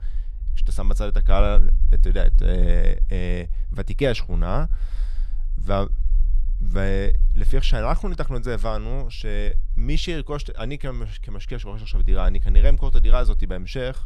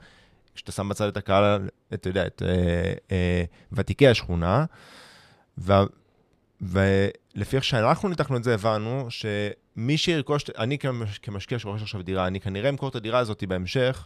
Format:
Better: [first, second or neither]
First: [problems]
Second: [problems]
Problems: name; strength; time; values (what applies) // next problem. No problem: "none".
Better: second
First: low rumble; faint; throughout; 20 dB below the speech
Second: none